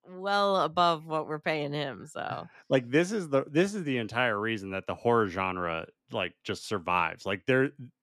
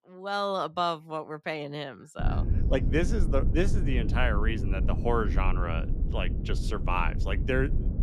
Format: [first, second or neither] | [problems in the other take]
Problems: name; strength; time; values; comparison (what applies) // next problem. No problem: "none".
first | low rumble; noticeable; from 2 s on; 10 dB below the speech